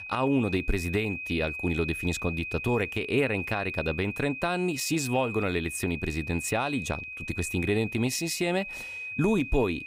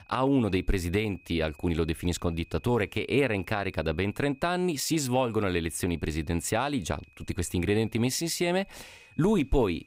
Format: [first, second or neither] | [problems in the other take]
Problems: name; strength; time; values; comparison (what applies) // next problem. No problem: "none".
second | high-pitched whine; loud; throughout; 2.5 kHz, 7 dB below the speech; faint in the second